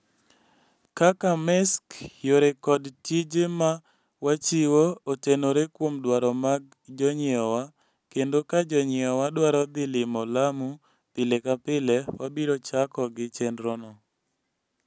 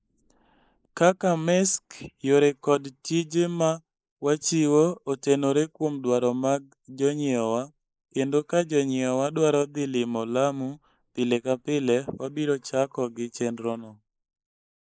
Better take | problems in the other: first | noise reduction (neural mask model Resemble Enhance denoiser)

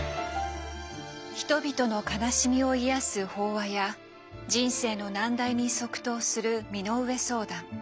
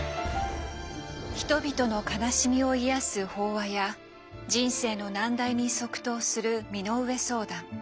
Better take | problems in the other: first | background sound (Explosion); 15 dB below the speech

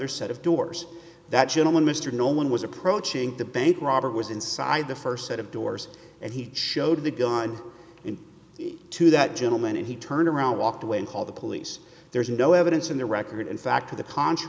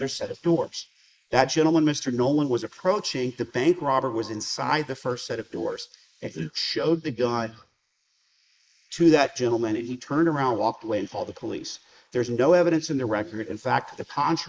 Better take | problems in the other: first | noise reduction (neural mask model Resemble Enhance denoiser)

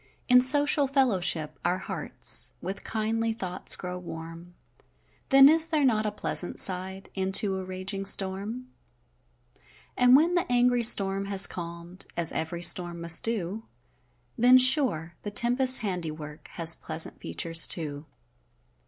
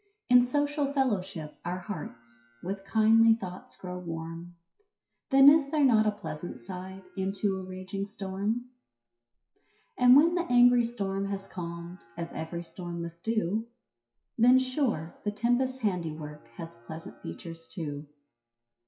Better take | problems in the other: first | noise reduction (classical method WPE with log-MMSE)

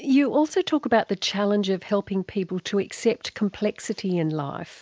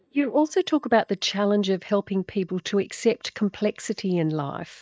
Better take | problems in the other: first | noise reduction (neural mask model DeepFilterNet 3)

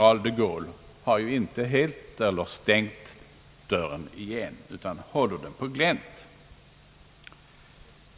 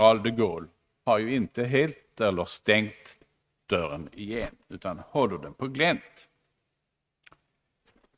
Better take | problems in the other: first | noise reduction (neural mask model RNNoise)

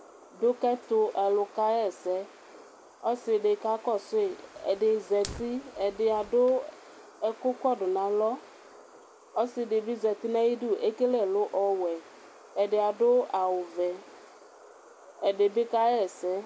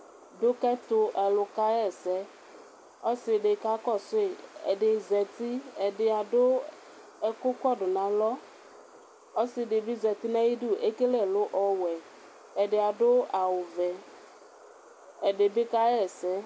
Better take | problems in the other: second | background sound (Fire); 19 dB below the speech

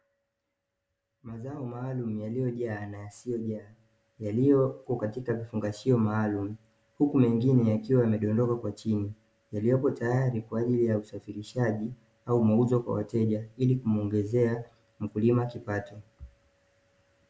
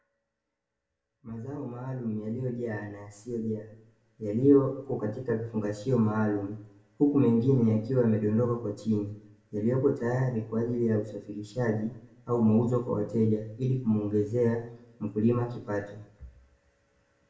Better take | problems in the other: first | room echo; dies away in 0.6 s

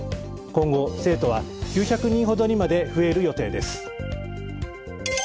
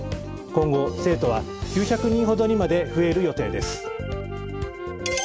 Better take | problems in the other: first | background sound (Wind instrument, woodwind instrument); 11 dB below the speech

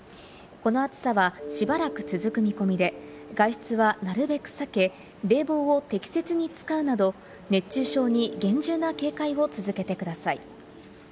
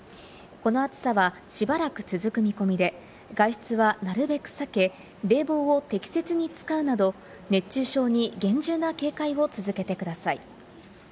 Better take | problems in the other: second | background sound (Mallet percussion); 16 dB below the speech

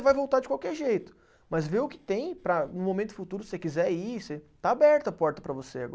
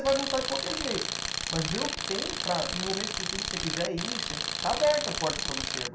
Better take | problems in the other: first | background sound (Tools); 1 dB below the speech // room echo; dies away in 0.4 s

